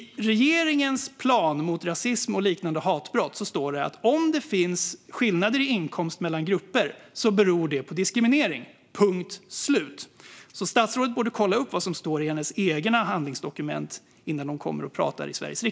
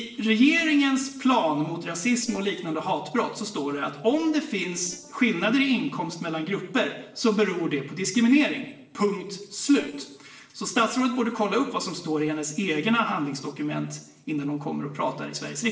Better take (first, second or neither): first